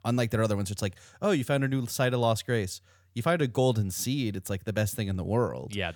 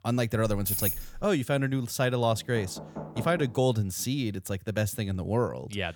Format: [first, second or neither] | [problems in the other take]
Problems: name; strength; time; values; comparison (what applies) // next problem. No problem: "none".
first | jangling keys; loud; at 0.5 s; peak 2 dB above the speech // door banging; noticeable; from 2.5 to 3.5 s; peak 10 dB below the speech